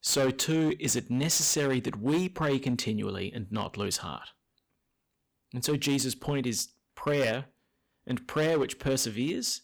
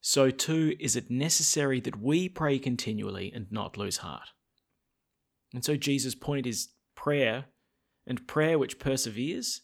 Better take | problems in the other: second | distortion; slight; 8% of the sound clipped

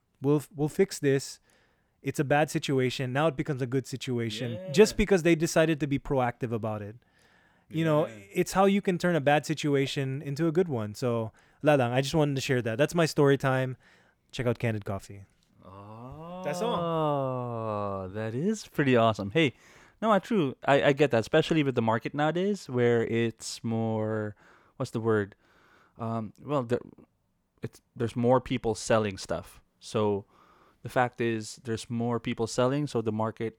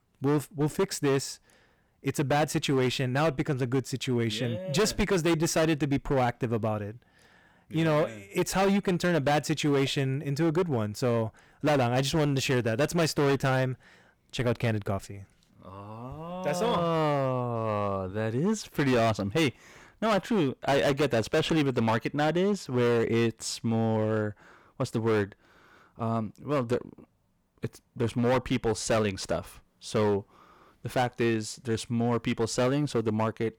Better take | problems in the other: first | distortion; heavy; 11% of the sound clipped

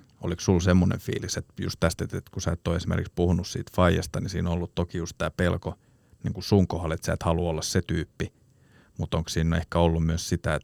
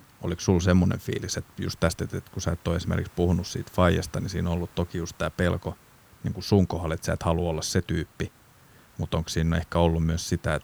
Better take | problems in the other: first | hiss; faint; throughout; 25 dB below the speech

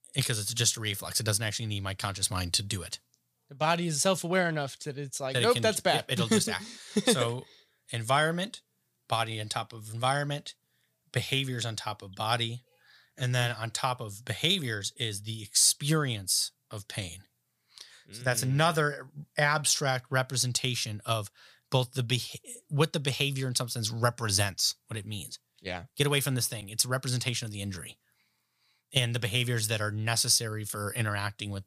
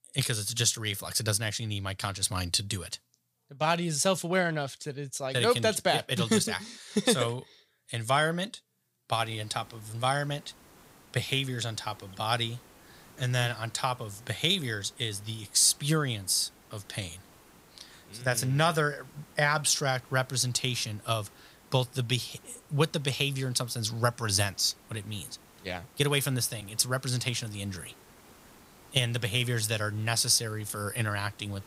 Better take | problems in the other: first | hiss; faint; from 9 s on; 25 dB below the speech

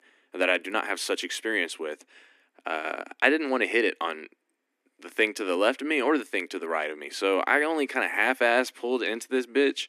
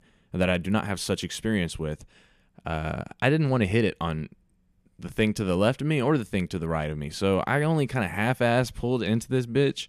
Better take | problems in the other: second | thin; somewhat; fading below 250 Hz

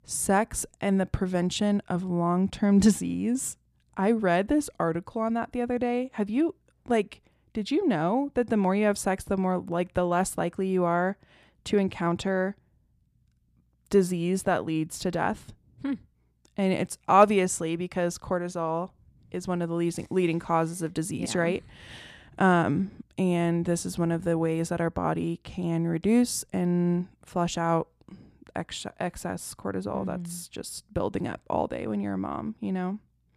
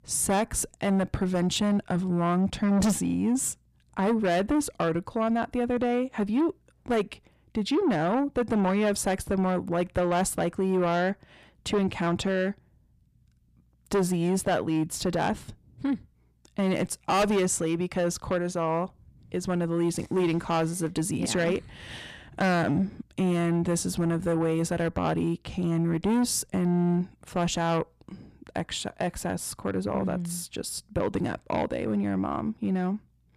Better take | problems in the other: first | distortion; heavy; 8 dB below the speech

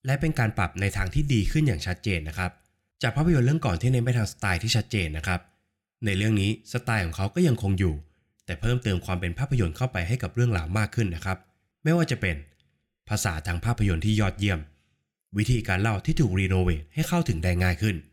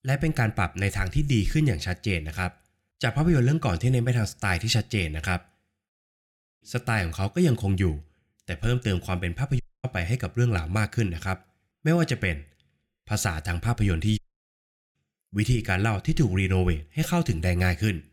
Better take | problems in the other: first | audio cutting out; at 6 s for 0.5 s, at 9.5 s and at 14 s for 1 s

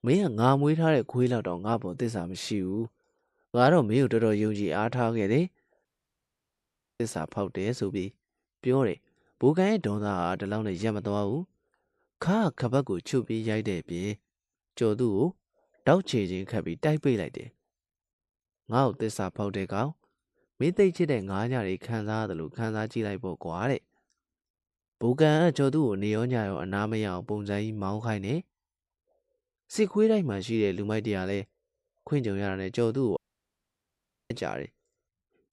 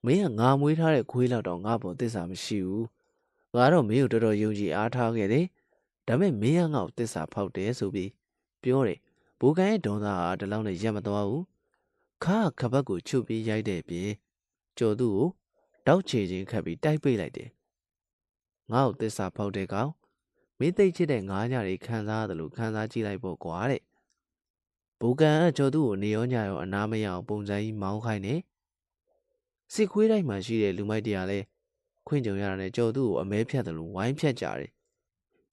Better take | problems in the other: second | audio cutting out; at 6 s for 1 s and at 33 s for 1 s

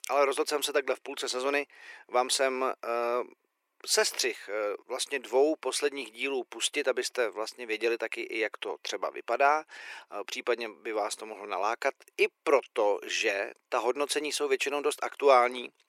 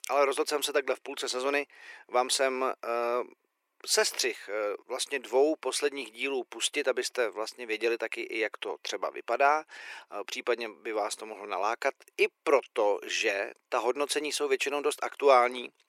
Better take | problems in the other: neither | thin; very; fading below 350 Hz; the same in both

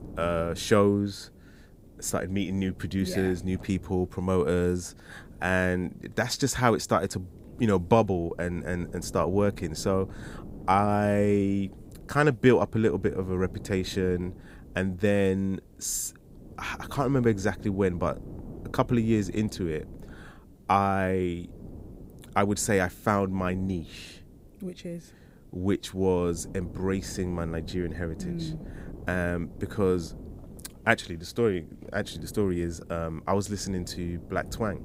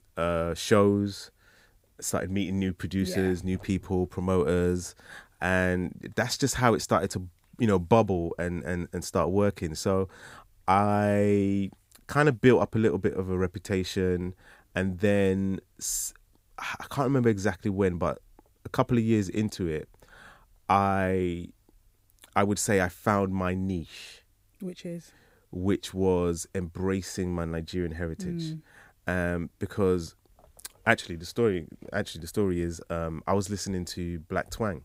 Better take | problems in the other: second | wind noise on the microphone; occasional gusts; 25 dB below the speech

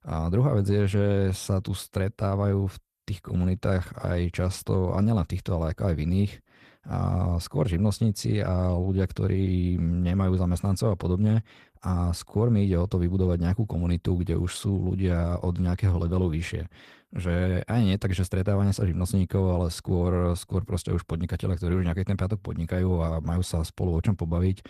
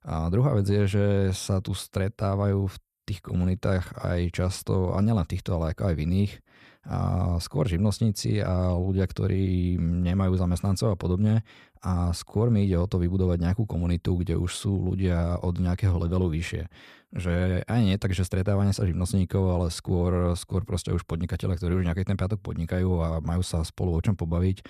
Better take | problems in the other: second | garbled, watery; slightly; nothing above 14.5 kHz

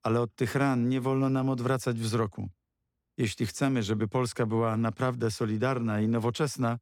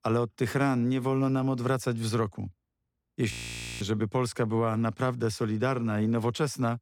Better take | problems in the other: first | audio freezing; at 3.5 s for 0.5 s

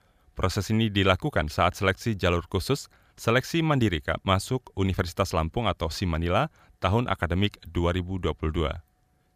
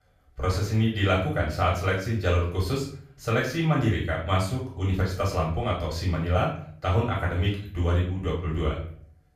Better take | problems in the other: first | off-mic speech; far // room echo; noticeable; dies away in 0.5 s

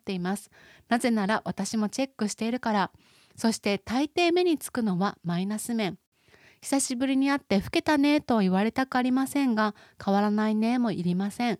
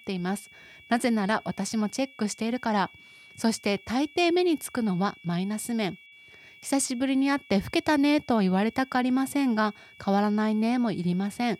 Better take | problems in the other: first | high-pitched whine; faint; throughout; 2.5 kHz, 25 dB below the speech

